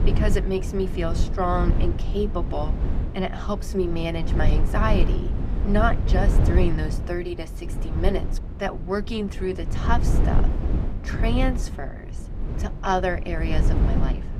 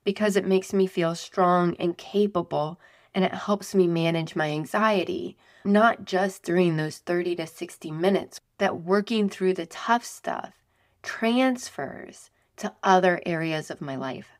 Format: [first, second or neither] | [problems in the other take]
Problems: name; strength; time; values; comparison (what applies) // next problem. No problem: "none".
second | low rumble; loud; throughout; 8 dB below the speech